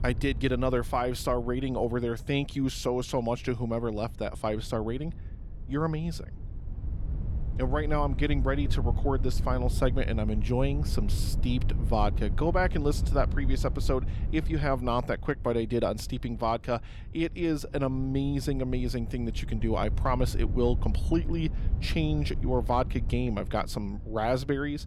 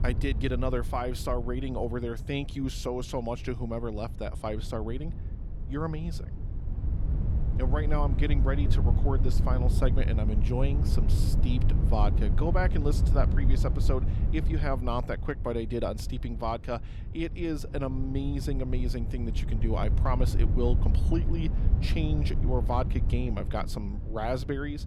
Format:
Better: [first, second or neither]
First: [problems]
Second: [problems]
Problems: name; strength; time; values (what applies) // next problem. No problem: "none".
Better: first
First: wind noise on the microphone; occasional gusts; 20 dB below the speech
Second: wind noise on the microphone; heavy; 10 dB below the speech